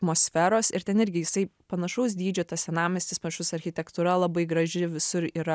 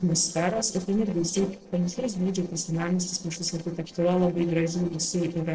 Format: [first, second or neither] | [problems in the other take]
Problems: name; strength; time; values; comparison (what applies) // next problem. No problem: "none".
first | noise reduction (neural separator model SepFormer DNS4)